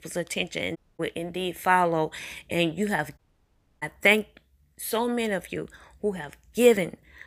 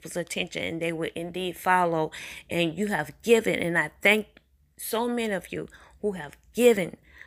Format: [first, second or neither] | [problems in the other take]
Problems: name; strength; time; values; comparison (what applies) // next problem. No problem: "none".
second | audio cutting out; at 1 s and at 3 s for 0.5 s